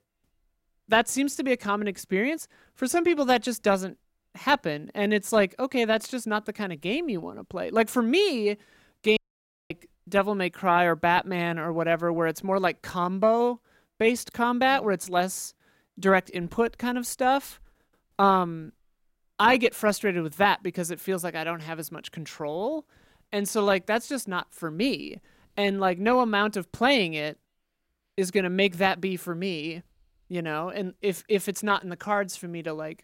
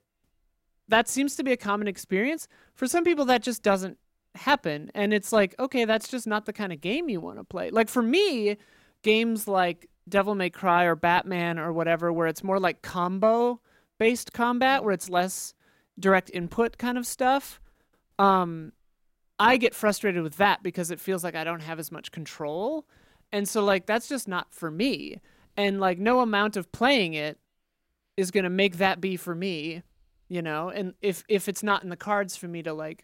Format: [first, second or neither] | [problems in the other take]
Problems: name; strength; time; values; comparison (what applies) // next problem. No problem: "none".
second | audio cutting out; at 9 s for 0.5 s